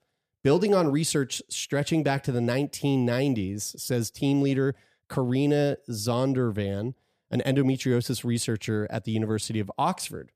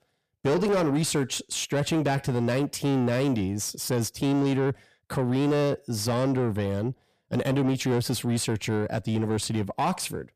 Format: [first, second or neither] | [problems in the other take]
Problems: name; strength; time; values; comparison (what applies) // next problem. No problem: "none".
first | distortion; slight; 10 dB below the speech